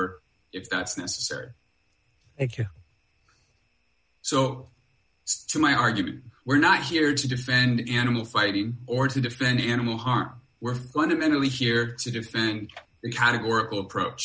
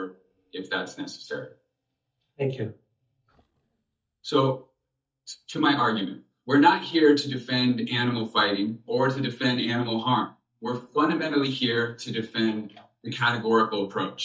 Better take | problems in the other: first | noise reduction (neural mask model DeepFilterNet 3)

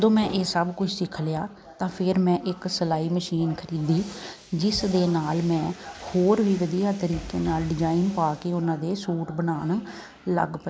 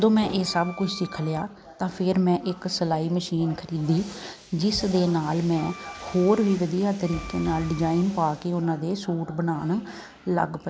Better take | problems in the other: first | background sound (Bowed string instrument); 18 dB below the speech

